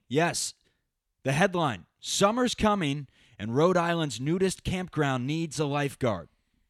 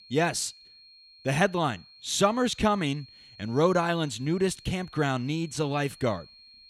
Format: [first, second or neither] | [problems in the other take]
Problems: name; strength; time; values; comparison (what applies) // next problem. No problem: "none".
first | high-pitched whine; faint; throughout; 4.5 kHz, 25 dB below the speech